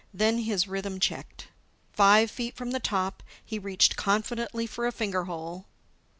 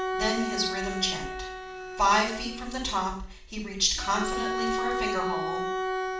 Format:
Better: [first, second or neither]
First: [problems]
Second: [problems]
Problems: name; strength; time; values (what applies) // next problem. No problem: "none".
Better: first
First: none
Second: background sound (Bowed string instrument); 3 dB below the speech // room echo; dies away in 0.5 s